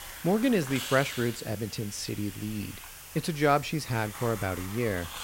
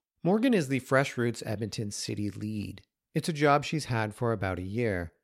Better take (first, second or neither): second